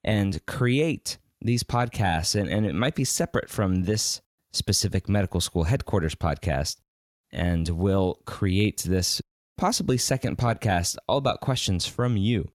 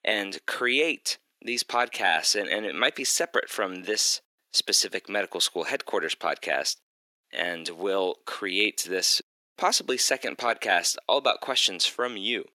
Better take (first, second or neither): first